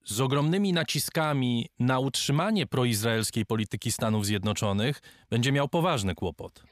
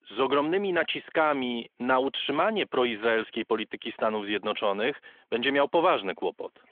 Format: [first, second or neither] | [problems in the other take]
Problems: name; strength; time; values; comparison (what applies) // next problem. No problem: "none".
first | phone-call audio; nothing above 3.5 kHz